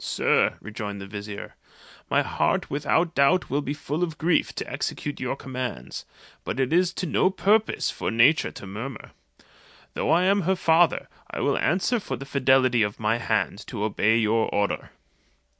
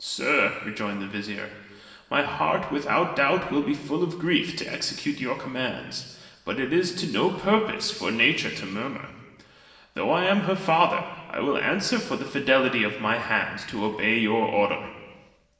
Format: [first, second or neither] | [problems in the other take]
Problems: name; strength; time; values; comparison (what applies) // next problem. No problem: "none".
first | room echo; dies away in 1.3 s